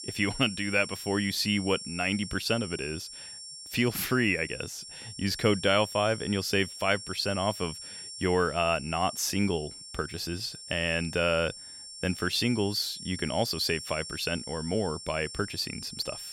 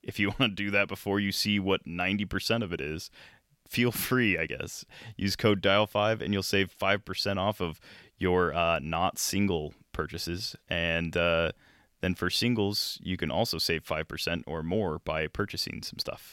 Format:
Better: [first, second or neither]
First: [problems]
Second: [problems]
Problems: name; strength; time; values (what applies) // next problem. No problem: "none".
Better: second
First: high-pitched whine; noticeable; throughout; 5.5 kHz, 10 dB below the speech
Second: none